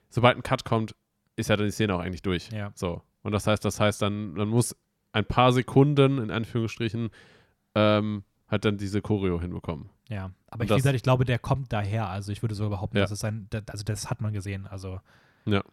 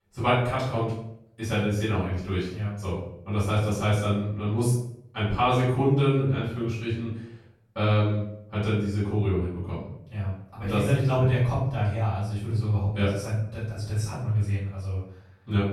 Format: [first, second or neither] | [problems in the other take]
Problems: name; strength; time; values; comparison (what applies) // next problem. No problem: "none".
first | off-mic speech; far // room echo; noticeable; dies away in 0.6 s